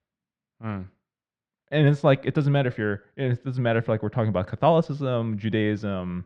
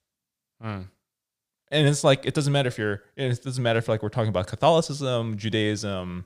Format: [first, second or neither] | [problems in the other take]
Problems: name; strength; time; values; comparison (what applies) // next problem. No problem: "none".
second | muffled; very; fading above 2 kHz